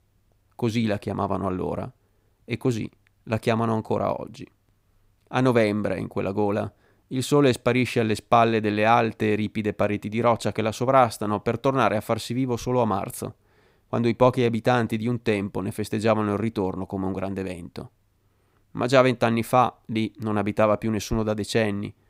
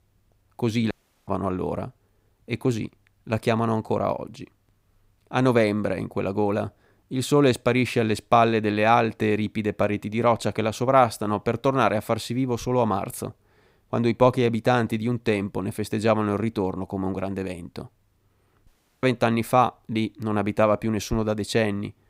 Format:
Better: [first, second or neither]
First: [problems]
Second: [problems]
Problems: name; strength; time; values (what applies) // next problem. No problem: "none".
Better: first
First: none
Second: audio cutting out; at 1 s and at 19 s